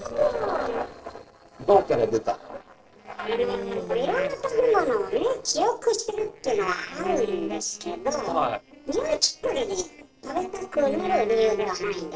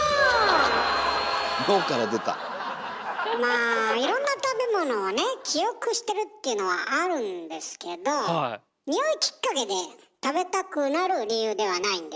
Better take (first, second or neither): second